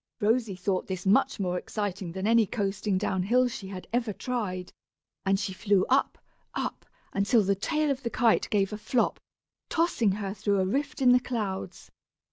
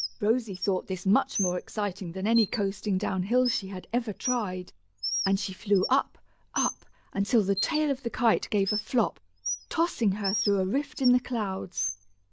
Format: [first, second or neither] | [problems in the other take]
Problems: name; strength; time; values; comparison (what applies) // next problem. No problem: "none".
first | background sound (Bird); 10 dB below the speech